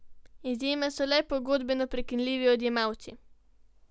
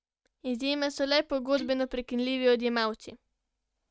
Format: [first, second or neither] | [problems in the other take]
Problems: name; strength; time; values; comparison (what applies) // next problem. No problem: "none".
first | noise reduction (neural mask model RNNoise)